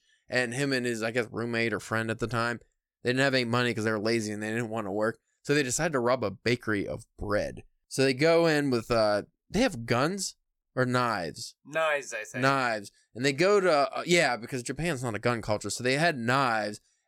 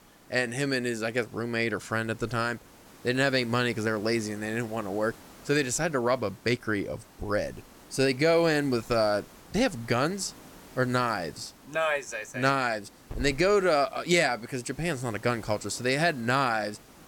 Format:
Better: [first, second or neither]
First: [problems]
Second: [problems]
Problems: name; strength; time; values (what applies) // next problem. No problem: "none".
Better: first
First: none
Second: hiss; faint; throughout; 20 dB below the speech